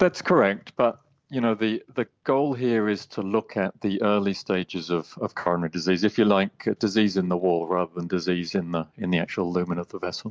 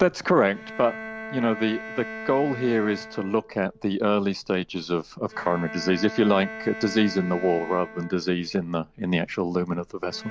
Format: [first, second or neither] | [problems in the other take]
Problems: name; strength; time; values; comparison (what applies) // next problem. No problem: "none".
first | background sound (Bowed string instrument); 14 dB below the speech